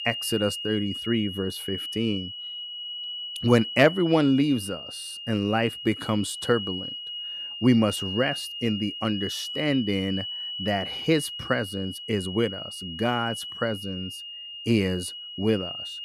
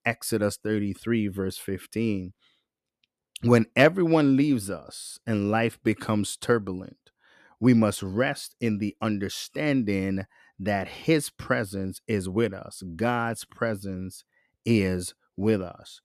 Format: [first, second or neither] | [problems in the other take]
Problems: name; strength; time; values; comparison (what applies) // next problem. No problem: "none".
second | high-pitched whine; loud; throughout; 3 kHz, 7 dB below the speech